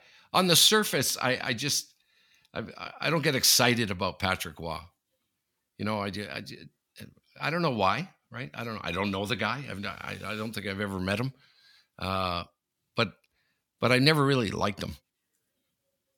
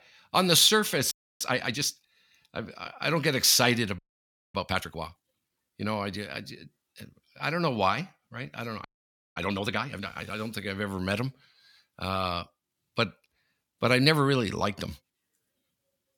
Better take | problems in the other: first | audio freezing; at 1 s, at 4 s for 0.5 s and at 9 s for 0.5 s

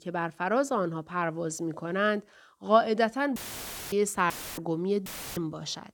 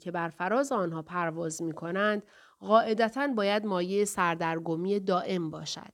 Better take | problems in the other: second | audio cutting out; filled with static; at 3.5 s for 0.5 s, at 4.5 s and at 5 s

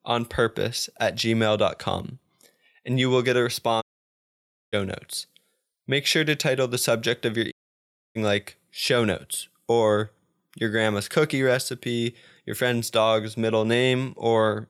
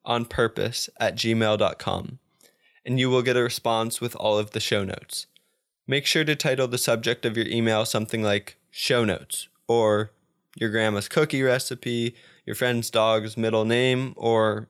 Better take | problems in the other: second | audio cutting out; at 4 s for 1 s and at 7.5 s for 0.5 s

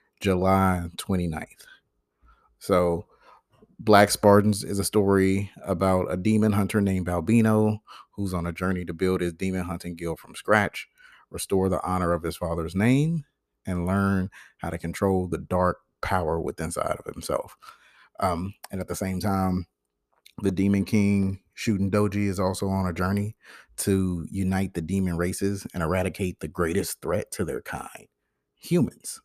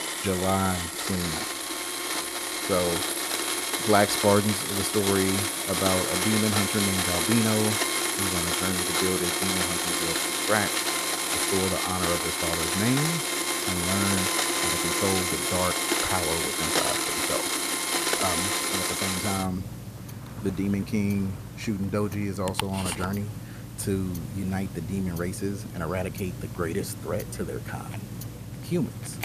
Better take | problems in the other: first | household noises; very loud; throughout; 4 dB above the speech

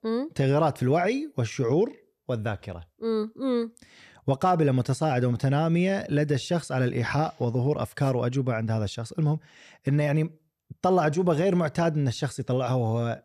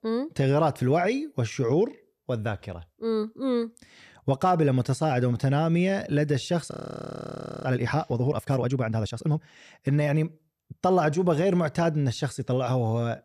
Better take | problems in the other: first | audio freezing; at 6.5 s for 1 s

